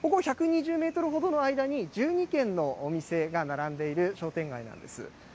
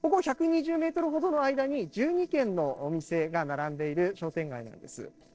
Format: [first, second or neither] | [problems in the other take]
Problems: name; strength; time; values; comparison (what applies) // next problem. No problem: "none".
first | noise reduction (neural separator model SepFormer DNS4)